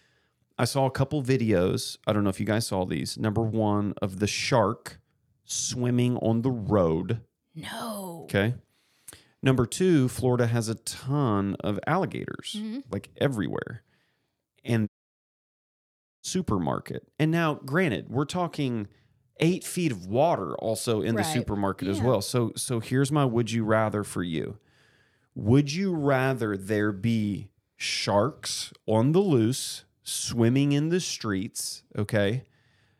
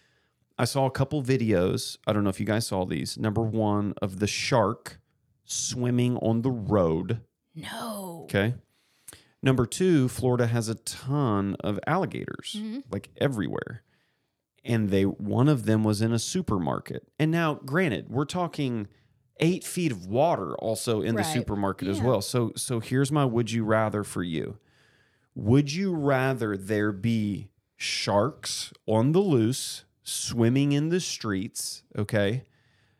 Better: second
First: audio cutting out; at 15 s for 1.5 s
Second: none

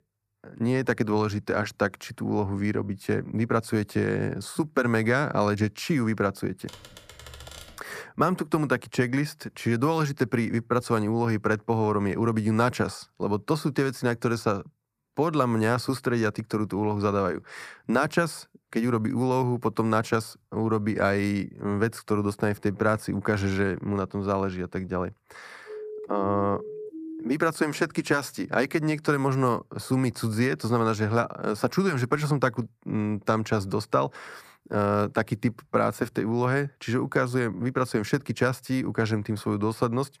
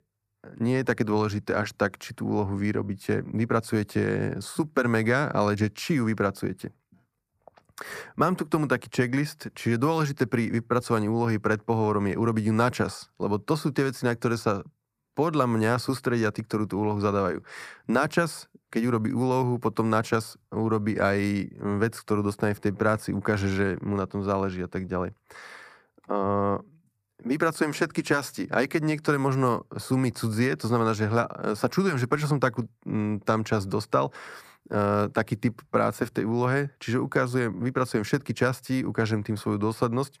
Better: second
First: keyboard typing; faint; from 6.5 to 8 s; peak 15 dB below the speech // siren; faint; from 26 to 27 s; peak 10 dB below the speech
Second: none

